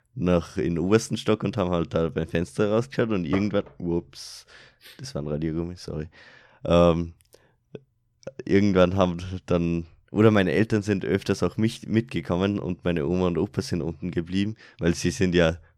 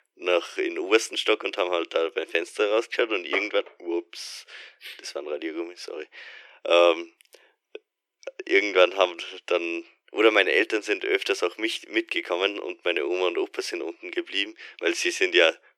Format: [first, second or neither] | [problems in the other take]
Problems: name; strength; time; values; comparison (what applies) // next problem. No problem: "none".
first | thin; very; fading below 350 Hz